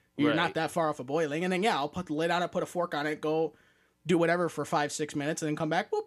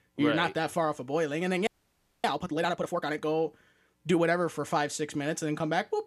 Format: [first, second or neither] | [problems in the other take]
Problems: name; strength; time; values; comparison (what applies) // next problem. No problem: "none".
first | audio freezing; at 1.5 s for 0.5 s